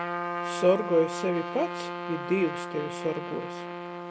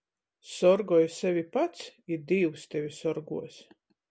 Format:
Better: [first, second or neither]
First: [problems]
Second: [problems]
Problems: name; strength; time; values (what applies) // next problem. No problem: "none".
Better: second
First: background sound (Trumpet); 5 dB below the speech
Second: none